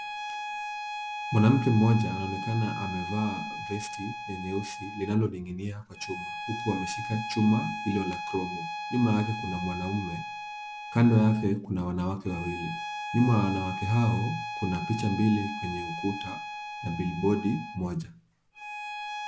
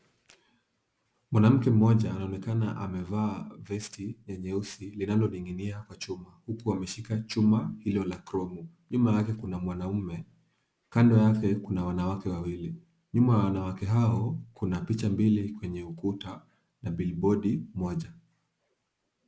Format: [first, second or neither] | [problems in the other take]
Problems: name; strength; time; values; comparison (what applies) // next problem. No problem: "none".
second | background sound (Bowed string instrument); 8 dB below the speech